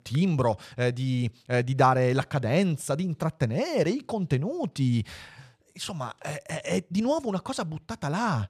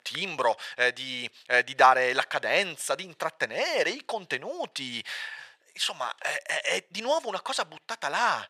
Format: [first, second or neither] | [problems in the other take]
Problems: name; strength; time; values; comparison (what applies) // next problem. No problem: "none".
first | thin; very; fading below 700 Hz